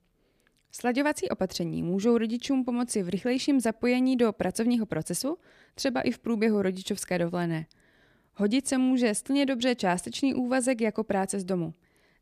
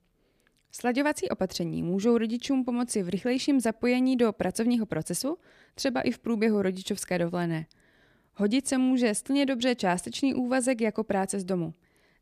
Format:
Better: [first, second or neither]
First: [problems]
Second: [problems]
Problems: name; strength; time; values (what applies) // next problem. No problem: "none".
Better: neither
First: none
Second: none